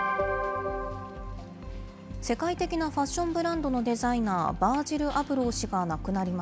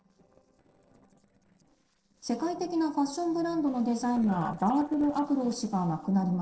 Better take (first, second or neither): first